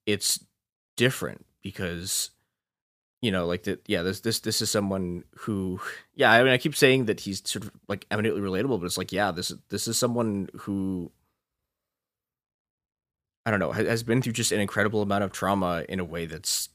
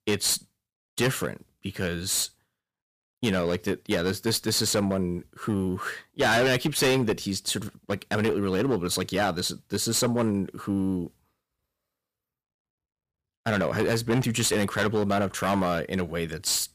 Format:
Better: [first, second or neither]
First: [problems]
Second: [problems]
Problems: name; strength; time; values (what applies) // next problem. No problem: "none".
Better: first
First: none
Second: distortion; heavy; 8% of the sound clipped